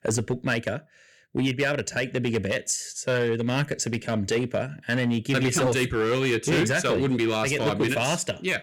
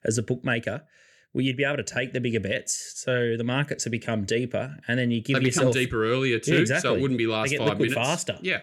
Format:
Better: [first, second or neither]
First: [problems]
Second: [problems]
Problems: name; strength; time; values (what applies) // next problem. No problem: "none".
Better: second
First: distortion; slight; 8% of the sound clipped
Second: none